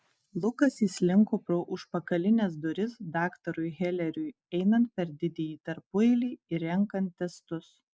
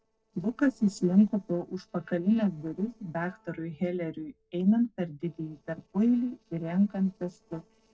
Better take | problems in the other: first | noise reduction (neural separator model SepFormer DNS4)

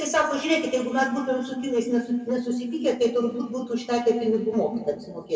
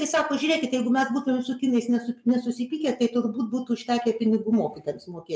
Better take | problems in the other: second | room echo; dies away in 1.5 s

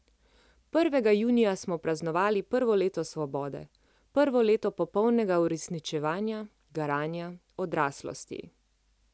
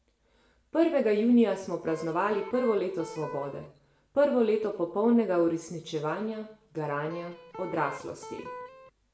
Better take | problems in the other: first | background sound (Electric guitar); 15 dB below the speech // room echo; dies away in 0.6 s

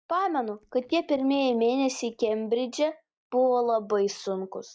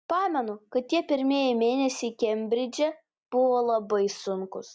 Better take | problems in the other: second | noise reduction (neural mask model DeepFilterNet 3)

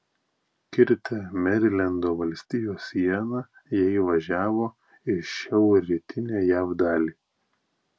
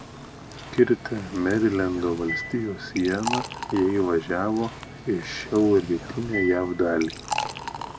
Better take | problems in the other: first | background sound (Liquid); 10 dB below the speech

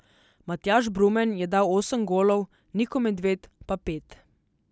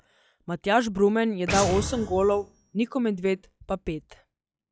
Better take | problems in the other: first | noise reduction (classical method log-MMSE)

